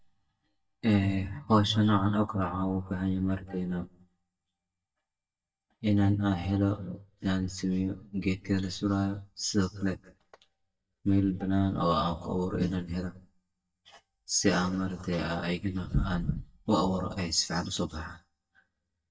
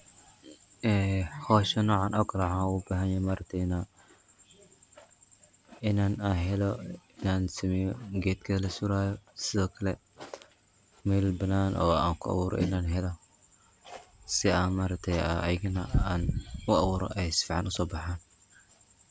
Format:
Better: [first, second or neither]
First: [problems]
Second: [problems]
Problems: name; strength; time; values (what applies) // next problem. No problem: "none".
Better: second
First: noise reduction (neural mask model DeepFilterNet 3)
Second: none